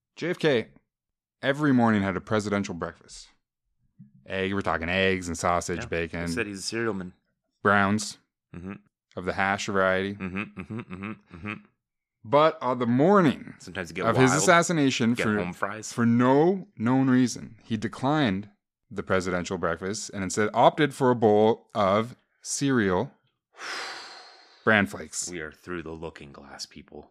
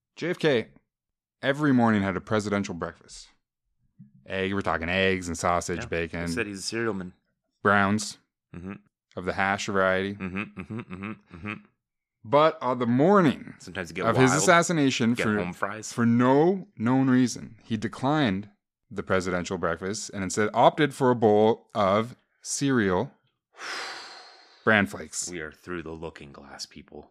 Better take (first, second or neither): neither